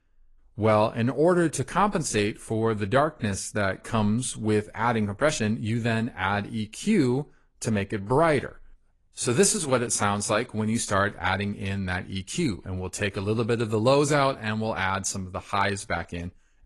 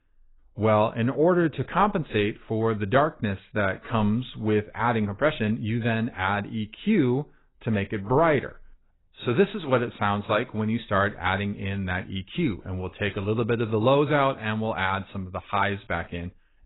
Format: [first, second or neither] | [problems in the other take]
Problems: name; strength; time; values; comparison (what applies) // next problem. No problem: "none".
first | garbled, watery; badly; nothing above 4 kHz; slightly in the first